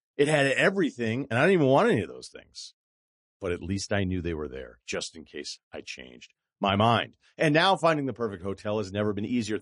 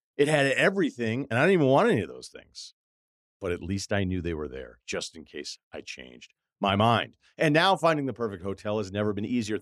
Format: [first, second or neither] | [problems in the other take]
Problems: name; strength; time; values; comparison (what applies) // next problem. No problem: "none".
second | garbled, watery; slightly; nothing above 10.5 kHz